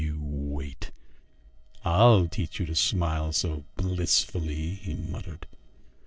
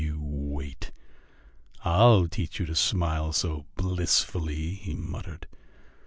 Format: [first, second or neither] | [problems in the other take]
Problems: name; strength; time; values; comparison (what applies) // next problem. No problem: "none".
second | noise reduction (neural separator model SepFormer DNS4)